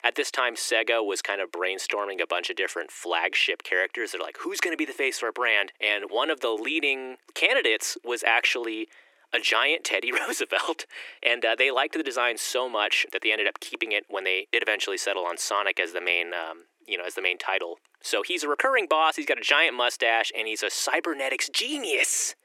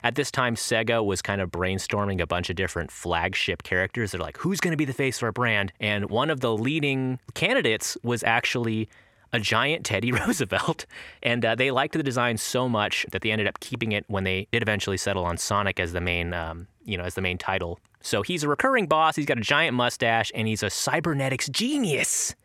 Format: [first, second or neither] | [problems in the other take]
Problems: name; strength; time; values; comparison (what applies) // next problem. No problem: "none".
second | thin; very; fading below 300 Hz